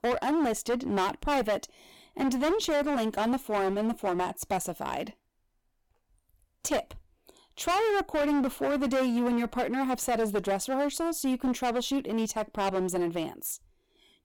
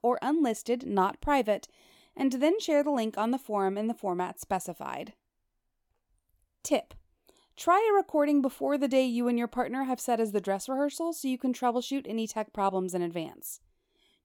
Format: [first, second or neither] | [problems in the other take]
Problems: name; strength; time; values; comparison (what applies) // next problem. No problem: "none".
second | distortion; heavy; 19% of the sound clipped